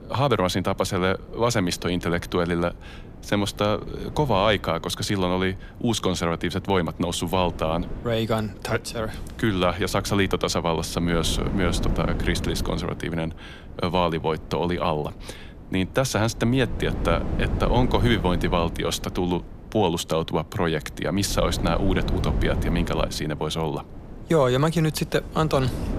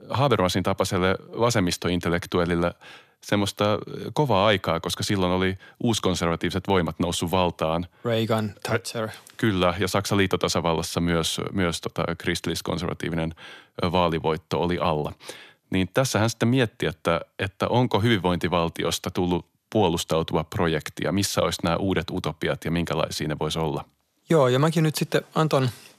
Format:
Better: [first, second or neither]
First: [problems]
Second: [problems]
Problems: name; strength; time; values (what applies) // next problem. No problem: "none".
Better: second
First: wind noise on the microphone; occasional gusts; 15 dB below the speech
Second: none